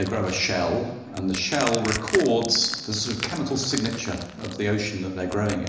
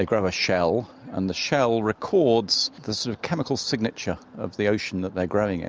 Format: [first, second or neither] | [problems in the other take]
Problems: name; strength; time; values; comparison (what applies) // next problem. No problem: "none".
second | background sound (Crushing); 11 dB below the speech // room echo; dies away in 1 s